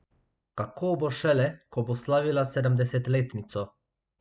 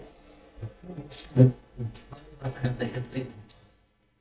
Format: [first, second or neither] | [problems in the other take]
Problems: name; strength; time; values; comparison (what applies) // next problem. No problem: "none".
first | noise reduction (neural mask model DeepFilterNet 3)